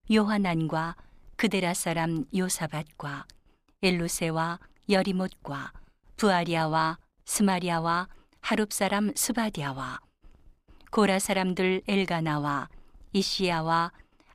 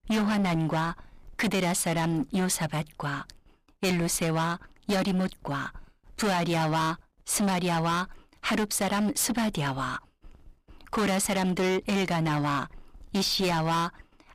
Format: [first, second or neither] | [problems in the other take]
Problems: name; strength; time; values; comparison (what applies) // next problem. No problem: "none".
first | distortion; heavy; 18% of the sound clipped